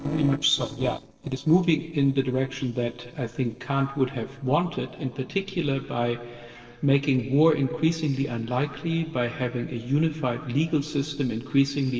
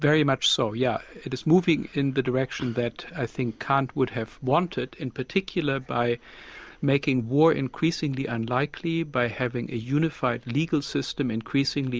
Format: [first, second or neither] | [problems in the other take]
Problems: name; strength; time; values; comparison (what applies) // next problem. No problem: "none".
second | noise reduction (neural separator model SepFormer DNS4)